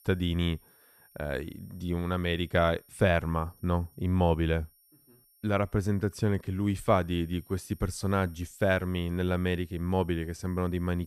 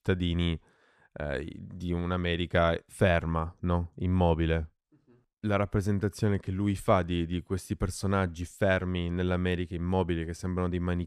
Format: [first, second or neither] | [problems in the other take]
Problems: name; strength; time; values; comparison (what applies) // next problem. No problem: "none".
second | high-pitched whine; faint; throughout; 11.5 kHz, 30 dB below the speech